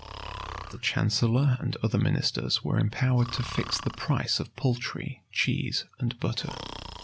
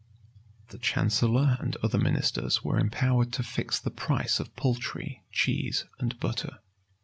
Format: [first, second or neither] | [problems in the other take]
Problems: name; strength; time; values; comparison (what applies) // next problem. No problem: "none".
second | background sound (Breathing); 15 dB below the speech